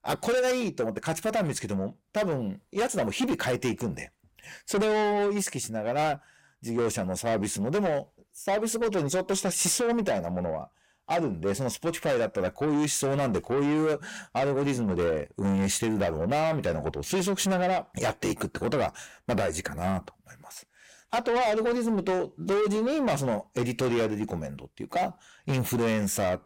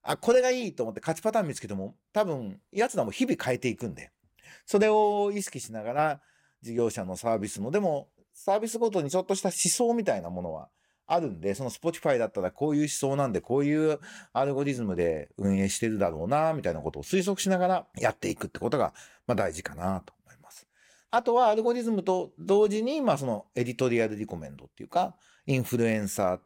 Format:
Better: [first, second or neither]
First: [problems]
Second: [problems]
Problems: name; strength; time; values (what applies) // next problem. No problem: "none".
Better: second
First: distortion; heavy; 7 dB below the speech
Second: none